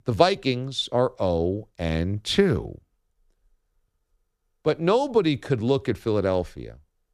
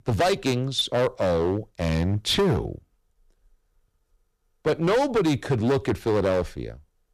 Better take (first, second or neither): first